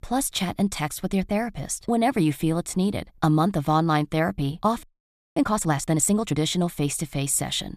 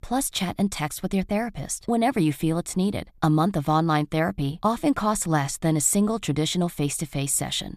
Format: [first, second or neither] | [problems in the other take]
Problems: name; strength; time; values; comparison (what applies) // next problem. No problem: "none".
second | audio freezing; at 5 s for 0.5 s